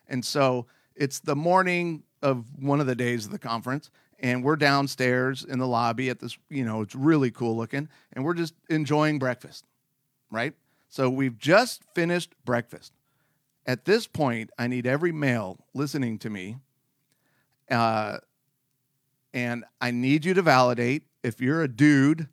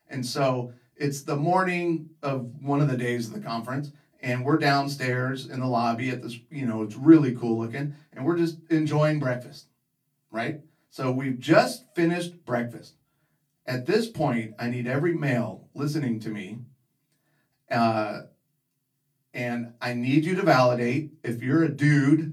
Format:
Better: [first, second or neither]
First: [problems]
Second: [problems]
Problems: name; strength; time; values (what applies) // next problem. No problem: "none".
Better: first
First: none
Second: off-mic speech; far // room echo; very slight; dies away in 0.2 s